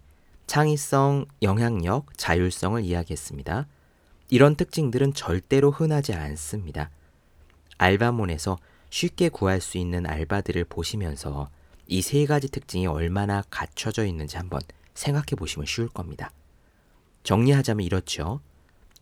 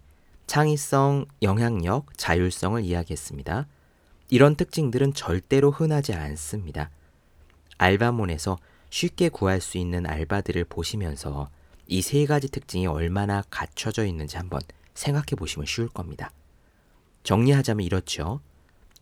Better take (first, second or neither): neither